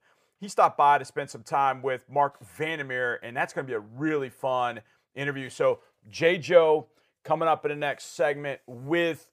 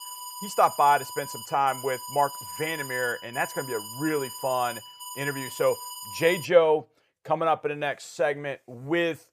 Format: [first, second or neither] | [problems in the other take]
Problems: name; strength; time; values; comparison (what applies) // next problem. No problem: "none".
first | alarm; noticeable; until 6.5 s; peak 10 dB below the speech